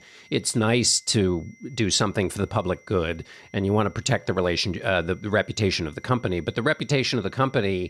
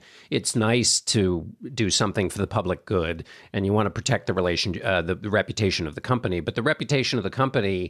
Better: second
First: high-pitched whine; faint; throughout; 2 kHz, 30 dB below the speech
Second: none

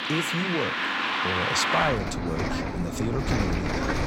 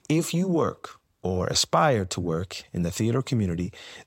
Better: second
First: traffic noise; very loud; throughout; 3 dB above the speech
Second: none

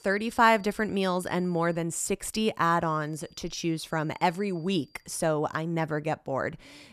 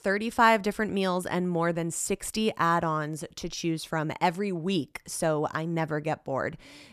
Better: second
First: high-pitched whine; faint; until 2 s and from 3 to 5 s; 4.5 kHz, 30 dB below the speech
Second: none

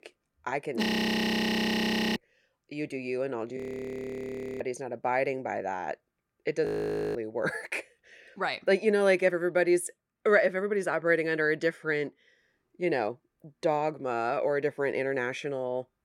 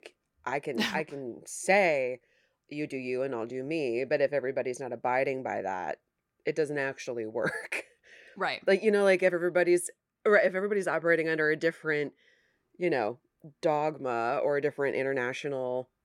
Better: second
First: audio freezing; at 1 s for 1.5 s, at 3.5 s for 1 s and at 6.5 s for 0.5 s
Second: none

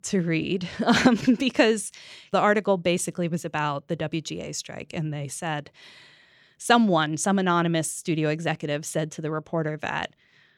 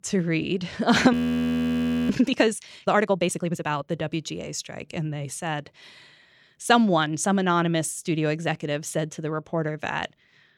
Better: first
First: none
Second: audio freezing; at 1 s for 1 s

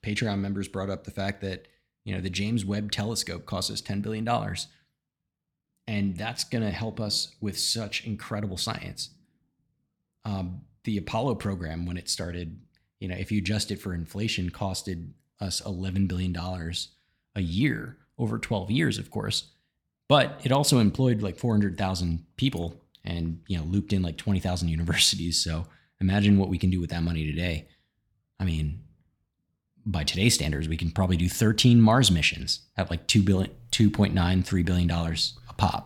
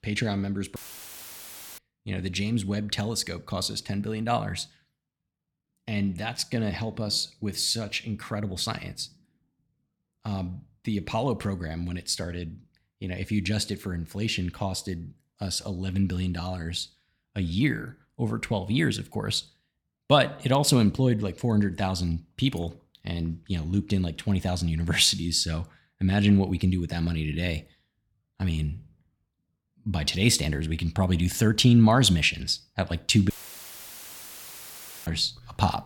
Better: first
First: none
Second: audio cutting out; filled with static; at 1 s for 1 s and at 33 s for 2 s

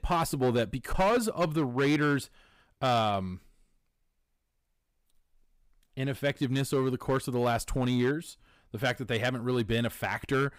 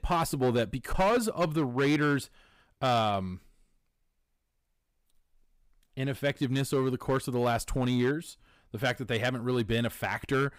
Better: neither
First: distortion; slight; 5% of the sound clipped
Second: distortion; slight; 5% of the sound clipped

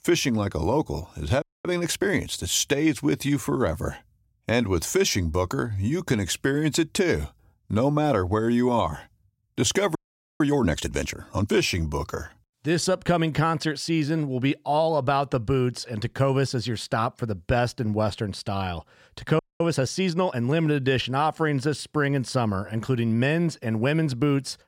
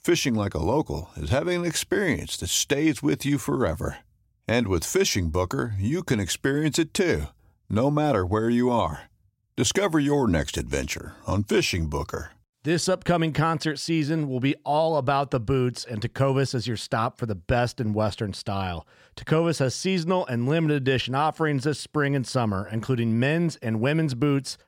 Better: second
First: audio freezing; at 1.5 s, at 10 s and at 19 s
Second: none

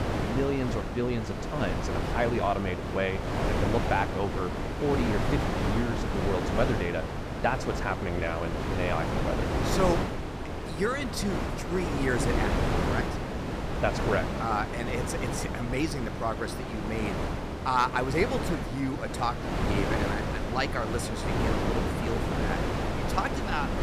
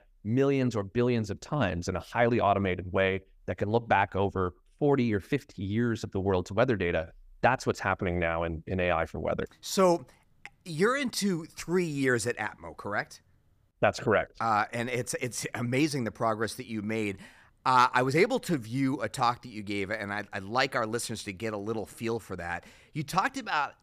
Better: second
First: wind noise on the microphone; heavy; 2 dB below the speech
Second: none

